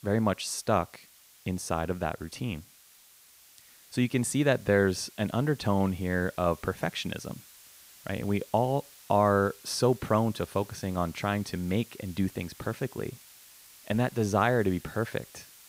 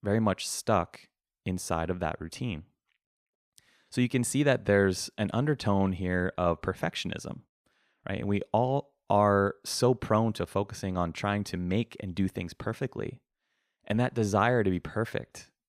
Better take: second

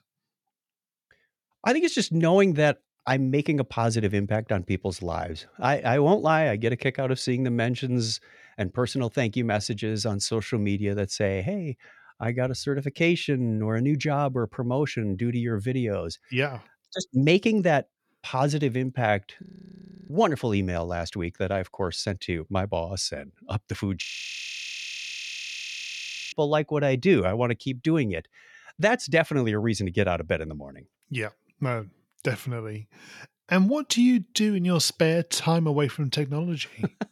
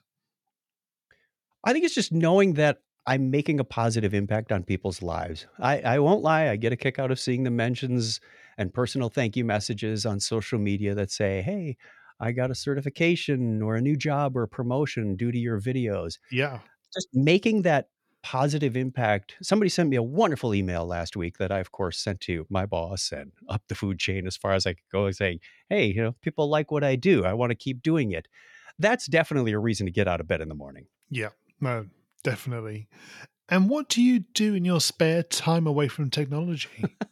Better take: second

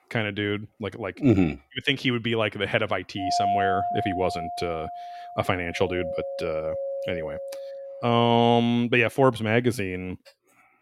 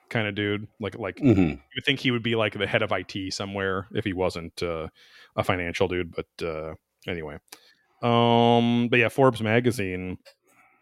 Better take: second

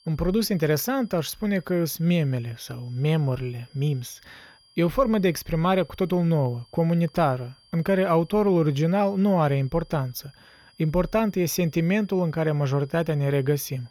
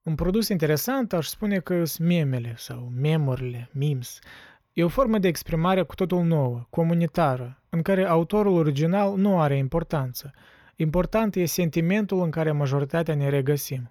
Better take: second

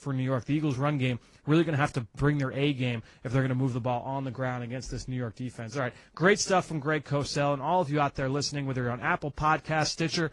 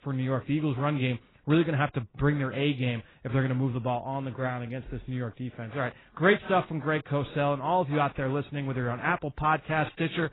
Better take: first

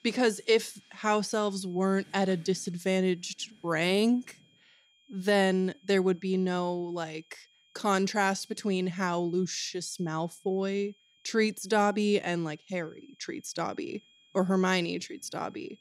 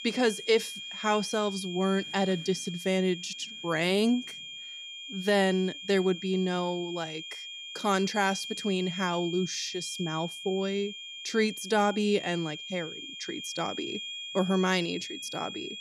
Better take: first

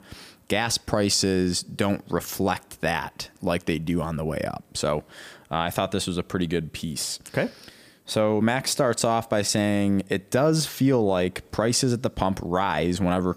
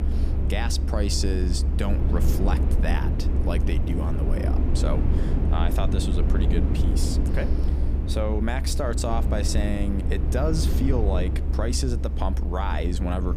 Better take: first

